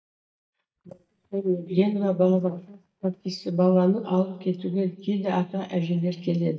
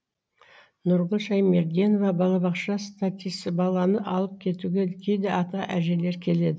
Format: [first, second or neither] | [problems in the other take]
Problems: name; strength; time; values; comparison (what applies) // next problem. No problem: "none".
second | noise reduction (neural mask model DeepFilterNet 3)